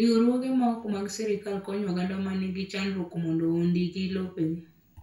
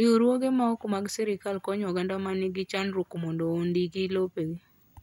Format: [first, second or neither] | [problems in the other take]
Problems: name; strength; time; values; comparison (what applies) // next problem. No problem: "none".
second | room echo; dies away in 0.4 s